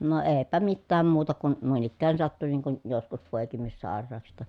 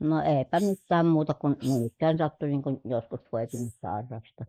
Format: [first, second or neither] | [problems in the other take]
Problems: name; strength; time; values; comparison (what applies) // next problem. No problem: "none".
first | noise reduction (neural mask model Resemble Enhance denoiser)